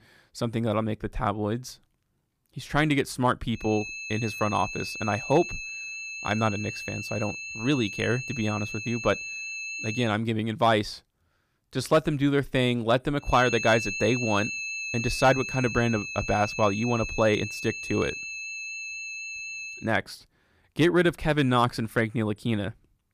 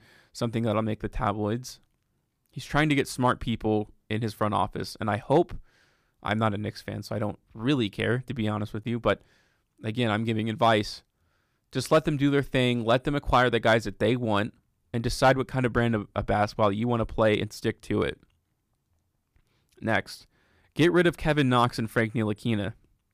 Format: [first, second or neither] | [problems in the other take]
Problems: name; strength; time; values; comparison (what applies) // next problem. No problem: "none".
second | high-pitched whine; loud; from 3.5 to 10 s and from 13 to 20 s; 2.5 kHz, 7 dB below the speech